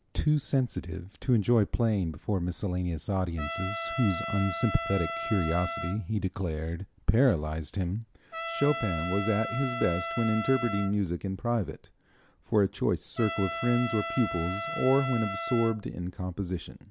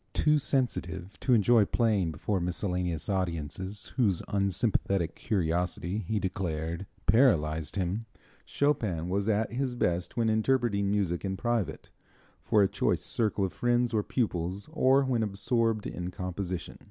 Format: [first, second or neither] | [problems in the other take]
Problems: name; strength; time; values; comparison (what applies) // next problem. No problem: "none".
second | background sound (Trumpet); 7 dB below the speech